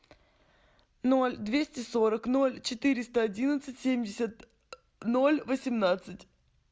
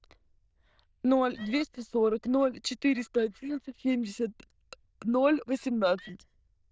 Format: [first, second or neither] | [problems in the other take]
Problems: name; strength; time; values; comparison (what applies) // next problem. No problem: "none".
first | noise reduction (neural diffusion model UNIVERSE++)